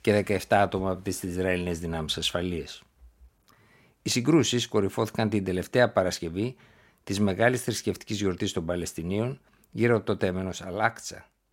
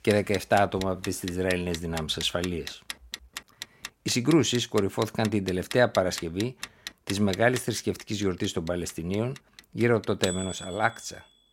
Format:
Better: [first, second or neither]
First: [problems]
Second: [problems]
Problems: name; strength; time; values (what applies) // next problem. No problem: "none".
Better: first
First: none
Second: household noises; noticeable; throughout; 10 dB below the speech